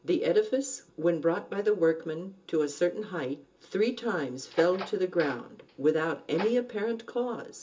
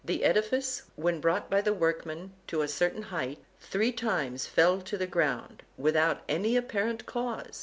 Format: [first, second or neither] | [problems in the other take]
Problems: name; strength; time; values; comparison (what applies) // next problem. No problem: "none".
second | background sound (Door); 16 dB below the speech // room echo; dies away in 0.2 s